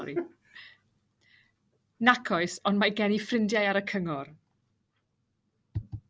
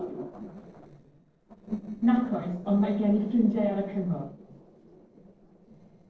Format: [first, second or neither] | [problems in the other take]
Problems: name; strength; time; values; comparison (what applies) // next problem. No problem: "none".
first | noise reduction (neural separator model SepFormer DNS4)